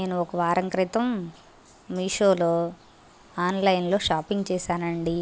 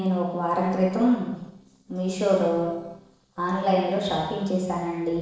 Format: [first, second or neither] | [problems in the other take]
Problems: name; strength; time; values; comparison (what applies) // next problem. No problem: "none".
first | noise reduction (neural separator model SepFormer DNS4)